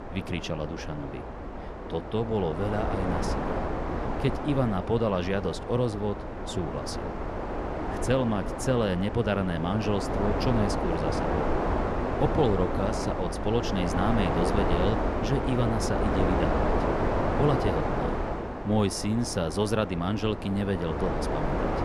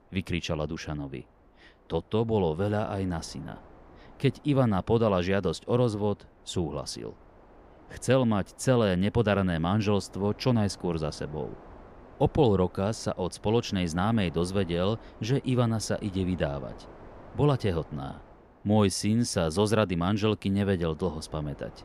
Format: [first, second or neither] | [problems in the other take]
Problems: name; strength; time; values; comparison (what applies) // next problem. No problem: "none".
second | wind noise on the microphone; heavy; as loud as the speech; occasional gusts in the second